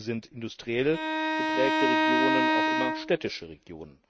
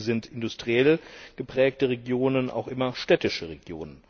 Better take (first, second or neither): second